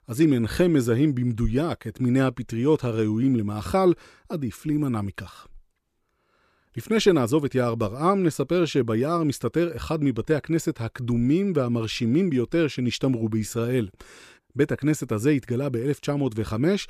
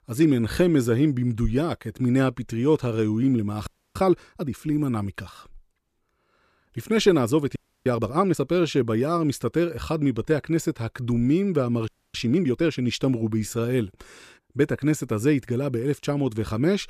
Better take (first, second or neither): first